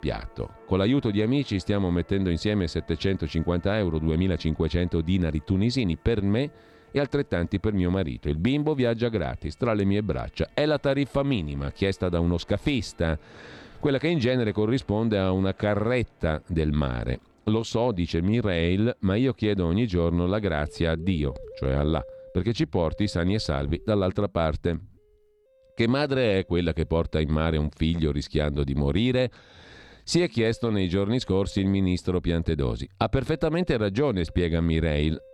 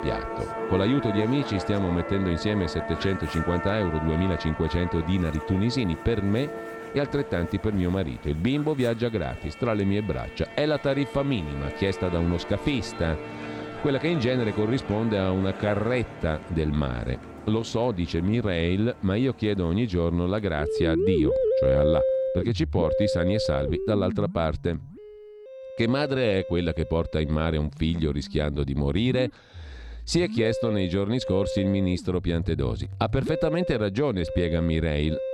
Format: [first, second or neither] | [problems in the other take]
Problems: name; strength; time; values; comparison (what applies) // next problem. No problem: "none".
first | background music; loud; throughout; 6 dB below the speech; faint in the first